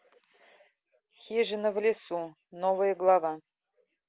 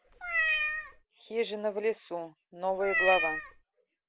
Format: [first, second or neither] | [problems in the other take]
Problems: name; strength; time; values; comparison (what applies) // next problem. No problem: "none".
first | background sound (Meow); 2 dB above the speech